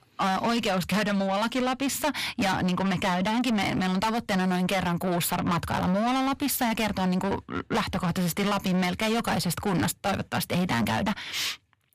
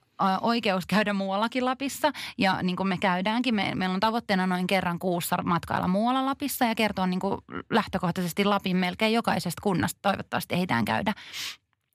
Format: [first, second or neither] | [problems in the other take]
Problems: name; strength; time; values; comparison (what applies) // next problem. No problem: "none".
second | distortion; heavy; 6 dB below the speech